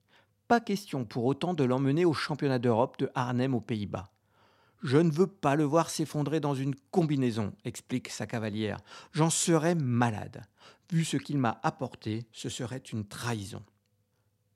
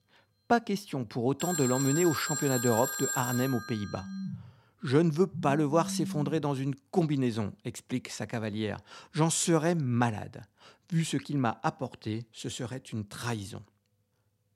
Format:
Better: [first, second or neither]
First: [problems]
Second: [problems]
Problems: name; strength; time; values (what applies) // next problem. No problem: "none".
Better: first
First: none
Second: alarms or sirens; loud; until 6.5 s; 5 dB below the speech